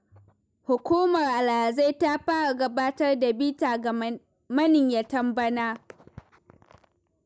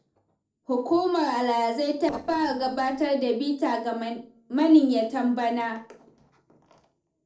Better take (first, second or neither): first